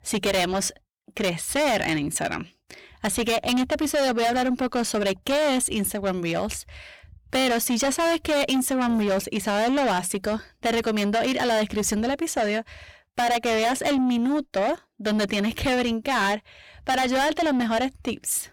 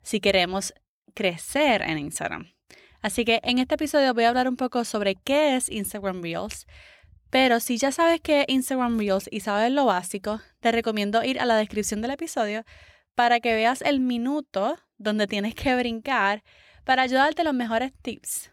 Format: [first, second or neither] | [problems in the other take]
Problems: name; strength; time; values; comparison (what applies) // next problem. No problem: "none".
second | distortion; heavy; 6 dB below the speech